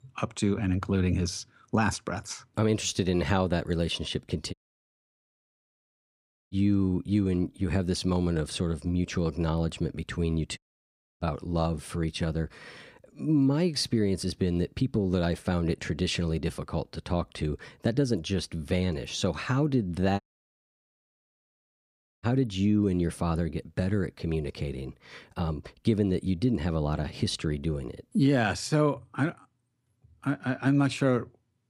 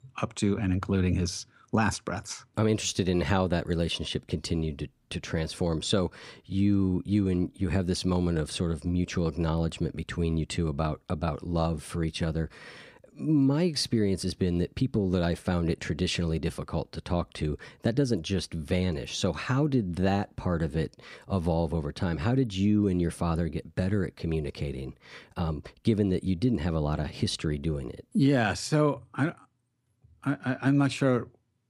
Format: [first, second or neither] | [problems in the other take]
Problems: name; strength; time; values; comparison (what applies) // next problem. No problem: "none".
second | audio cutting out; at 4.5 s for 2 s, at 11 s for 0.5 s and at 20 s for 2 s